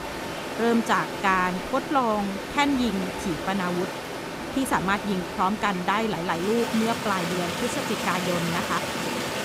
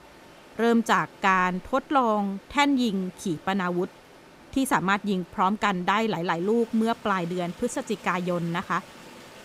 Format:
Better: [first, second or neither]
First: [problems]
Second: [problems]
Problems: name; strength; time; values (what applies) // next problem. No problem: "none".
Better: second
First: rain or running water; loud; throughout; 5 dB below the speech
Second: rain or running water; faint; throughout; 20 dB below the speech